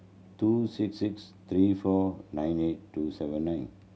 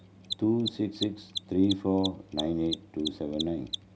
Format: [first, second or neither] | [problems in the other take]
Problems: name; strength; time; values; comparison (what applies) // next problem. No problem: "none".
first | background sound (Mechanisms); 10 dB below the speech